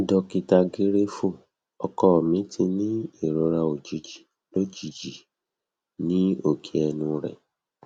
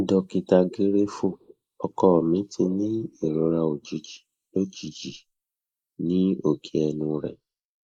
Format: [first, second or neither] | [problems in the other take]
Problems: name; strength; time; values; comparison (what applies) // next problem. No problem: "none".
first | noise reduction (neural mask model Resemble Enhance denoiser)